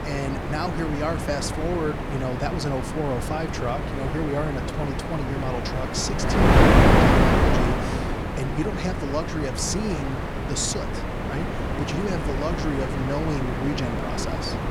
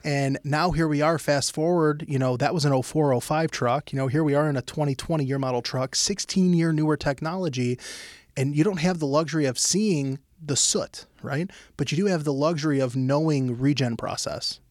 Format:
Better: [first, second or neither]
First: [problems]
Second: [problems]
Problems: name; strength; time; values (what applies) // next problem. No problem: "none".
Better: second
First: wind noise on the microphone; heavy; 4 dB above the speech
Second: none